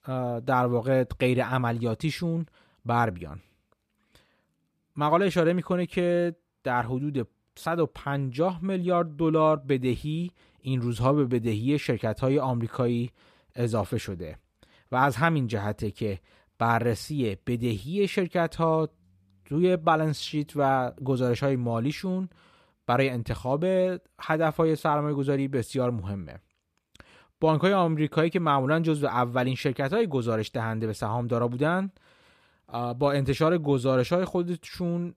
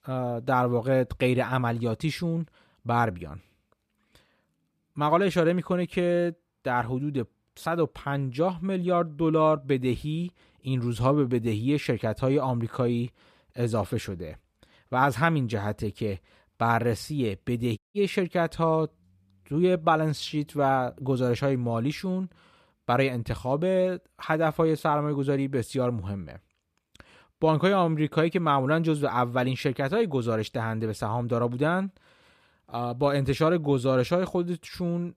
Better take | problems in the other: first | audio cutting out; at 18 s

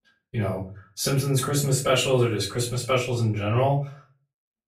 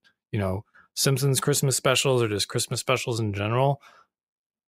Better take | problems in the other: second | room echo; slight; dies away in 0.3 s // off-mic speech; far

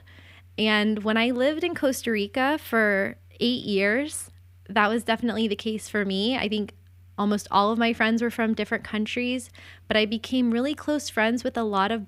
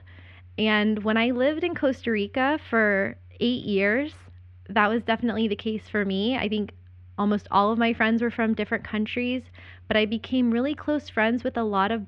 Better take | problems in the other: first | muffled; slightly; fading above 3 kHz

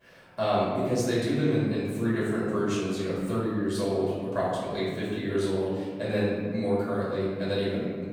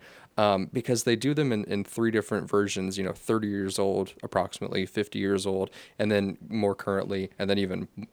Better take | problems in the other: second | off-mic speech; far // room echo; strong; dies away in 2 s

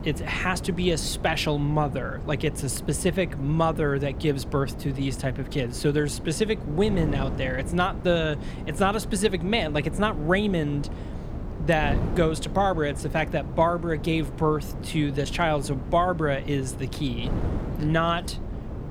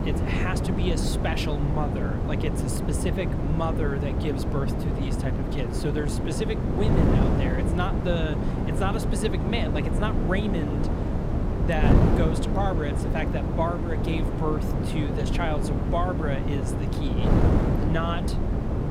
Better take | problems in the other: first | wind noise on the microphone; heavy; 1 dB below the speech; occasional gusts in the first

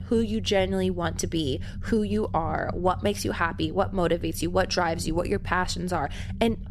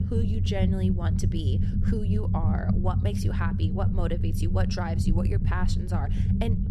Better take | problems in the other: first | low rumble; loud; throughout; 3 dB below the speech; faint in the first

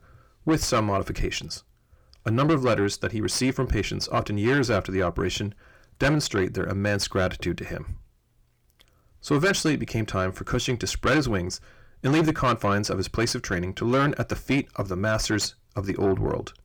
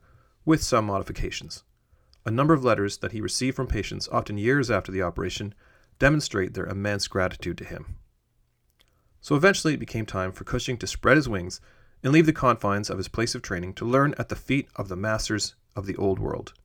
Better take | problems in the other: second | distortion; heavy; 7 dB below the speech

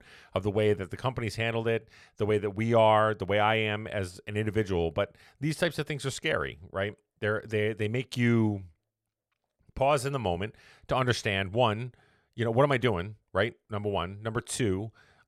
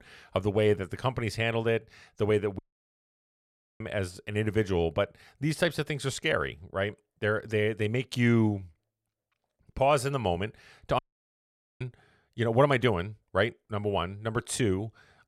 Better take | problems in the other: first | audio cutting out; at 2.5 s for 1 s and at 11 s for 1 s

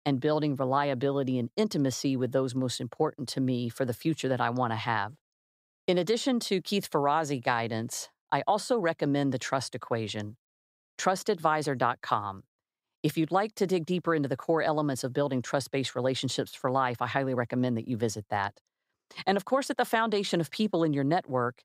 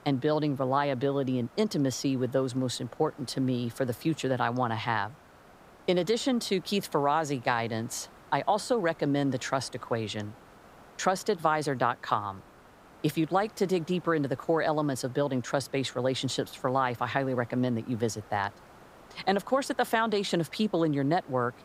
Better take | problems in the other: first | hiss; faint; throughout; 25 dB below the speech

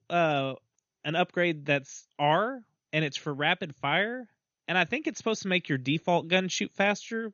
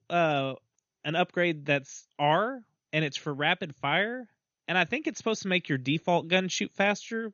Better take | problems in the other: neither | garbled, watery; slightly; nothing above 6.5 kHz; the same in both

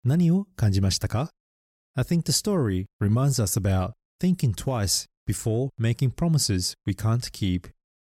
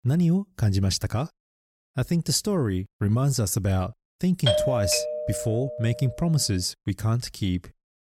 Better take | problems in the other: first | doorbell; loud; from 4.5 to 6 s; peak 2 dB above the speech

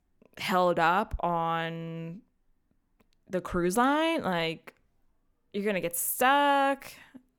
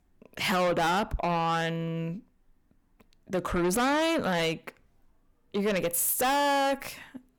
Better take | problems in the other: first | distortion; heavy; 6 dB below the speech

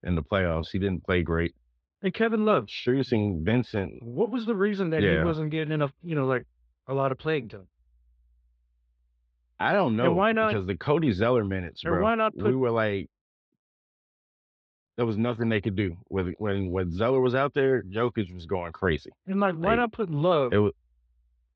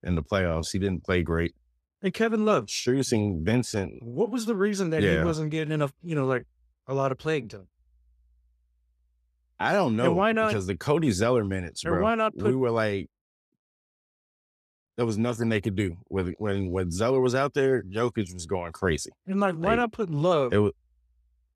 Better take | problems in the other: second | muffled; slightly; fading above 4 kHz

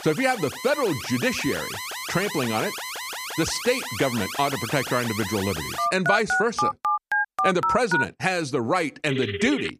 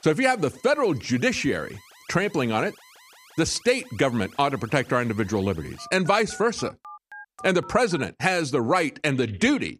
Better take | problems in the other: second | alarms or sirens; loud; throughout; 3 dB below the speech; faint in the second

